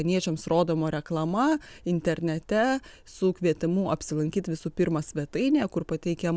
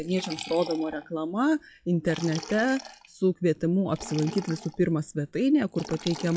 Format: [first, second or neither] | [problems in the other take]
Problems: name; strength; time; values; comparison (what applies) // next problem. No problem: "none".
first | noise reduction (classical method WPE with log-MMSE)